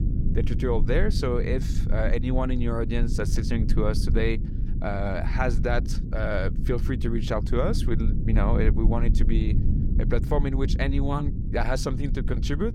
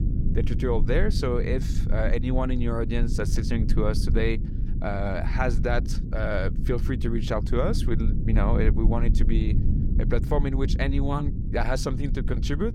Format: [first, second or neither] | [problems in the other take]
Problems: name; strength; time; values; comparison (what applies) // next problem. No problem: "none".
neither | low rumble; loud; throughout; 10 dB below the speech; the same in both